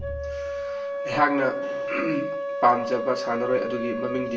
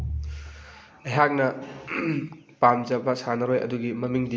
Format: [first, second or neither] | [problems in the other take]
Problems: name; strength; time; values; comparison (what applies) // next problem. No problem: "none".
second | background sound (Wind instrument, woodwind instrument); 4 dB below the speech // room echo; dies away in 0.1 s